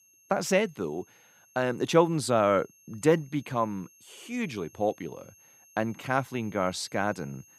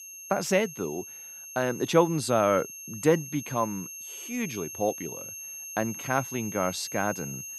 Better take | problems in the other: first | high-pitched whine; loud; throughout; 6.5 kHz, 10 dB below the speech; faint in the first

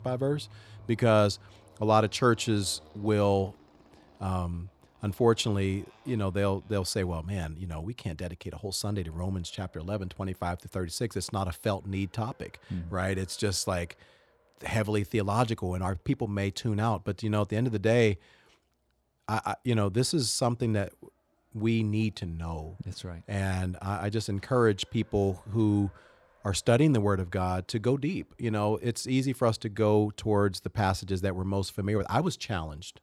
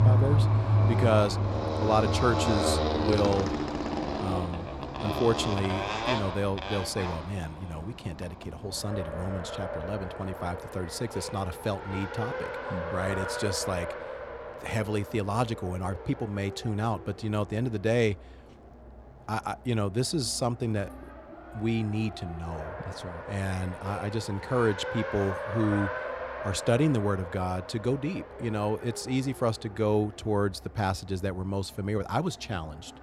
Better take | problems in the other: first | traffic noise; loud; throughout; 2 dB below the speech; faint in the first

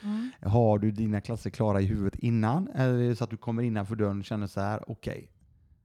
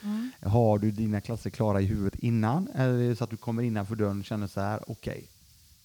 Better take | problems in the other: first | hiss; faint; throughout; 25 dB below the speech

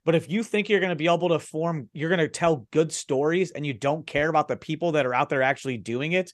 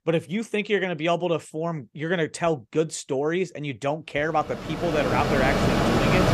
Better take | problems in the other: first | machinery noise; very loud; from 5 s on; 2 dB above the speech

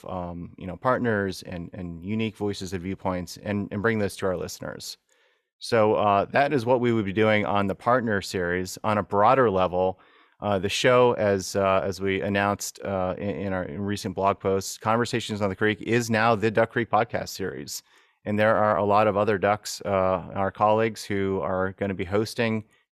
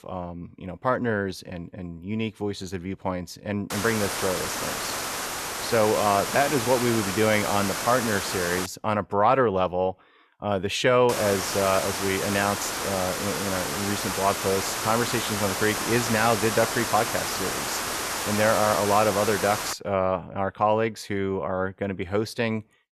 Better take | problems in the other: first | hiss; loud; from 3.5 to 8.5 s and from 11 to 20 s; 3 dB below the speech

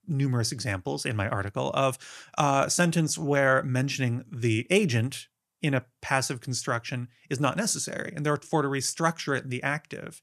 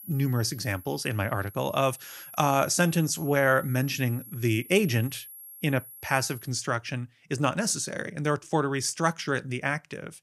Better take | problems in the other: first | high-pitched whine; noticeable; until 6.5 s; 11.5 kHz, 15 dB below the speech

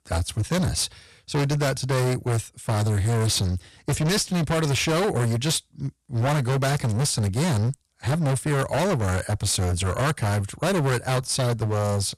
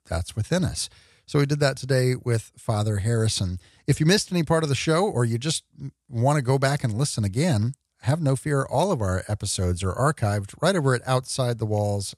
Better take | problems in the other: second | distortion; heavy; 31% of the sound clipped

